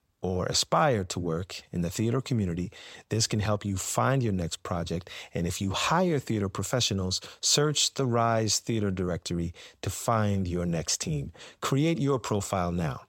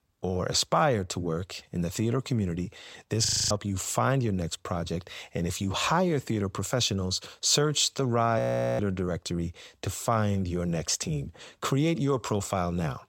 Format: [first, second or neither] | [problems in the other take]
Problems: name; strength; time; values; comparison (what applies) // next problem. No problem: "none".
first | audio freezing; at 3.5 s and at 8.5 s